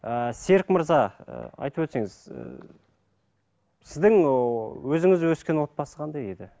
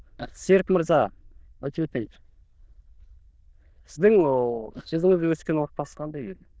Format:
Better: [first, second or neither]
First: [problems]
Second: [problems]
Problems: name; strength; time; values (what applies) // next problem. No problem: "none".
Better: first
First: none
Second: noise reduction (neural diffusion model UNIVERSE++)